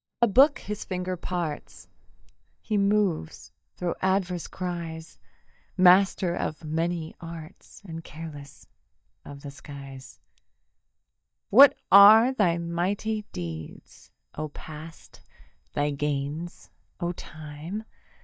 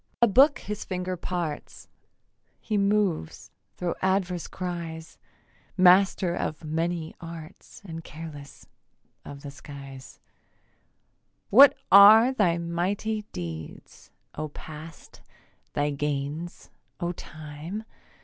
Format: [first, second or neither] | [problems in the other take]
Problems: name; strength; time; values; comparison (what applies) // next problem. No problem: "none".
second | noise reduction (neural mask model DeepFilterNet 3)